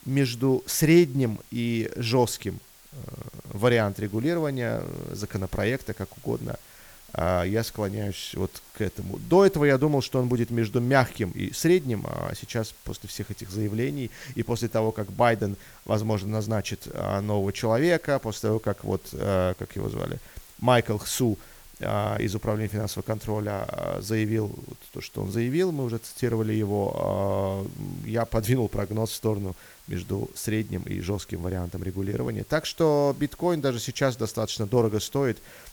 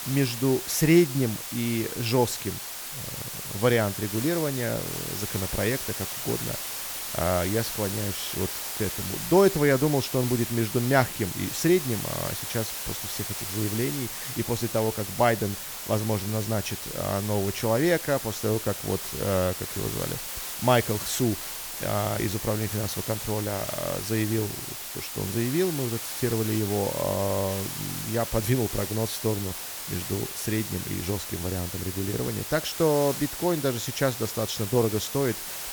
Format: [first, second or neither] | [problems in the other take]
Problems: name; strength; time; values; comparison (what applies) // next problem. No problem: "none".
first | hiss; loud; throughout; 5 dB below the speech; faint in the first